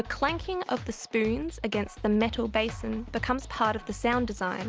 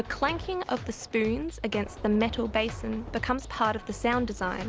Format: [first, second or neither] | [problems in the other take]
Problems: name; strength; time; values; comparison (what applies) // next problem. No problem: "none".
first | background sound (Thunder / Rain); 18 dB below the speech